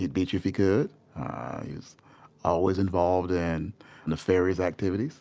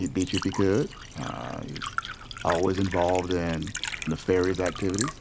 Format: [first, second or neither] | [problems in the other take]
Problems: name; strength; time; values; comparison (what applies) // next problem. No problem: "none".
first | background sound (Liquid); 9 dB below the speech